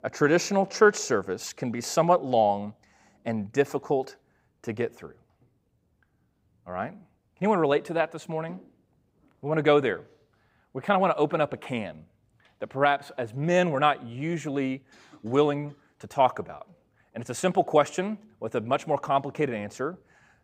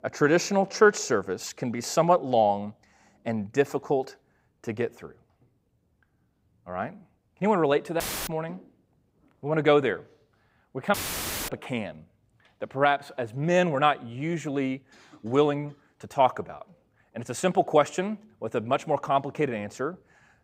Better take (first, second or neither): first